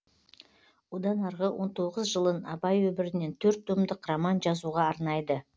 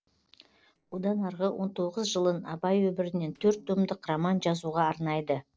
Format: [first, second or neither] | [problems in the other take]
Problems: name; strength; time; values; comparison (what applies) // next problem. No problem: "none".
first | noise reduction (neural separator model SepFormer DNS4)